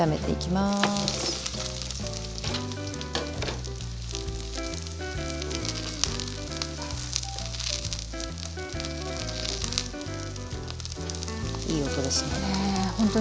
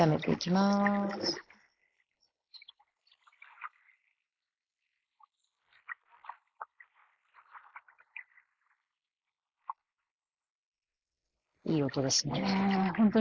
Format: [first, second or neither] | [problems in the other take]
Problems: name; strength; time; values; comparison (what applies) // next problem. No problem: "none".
first | noise reduction (neural mask model Resemble Enhance denoiser)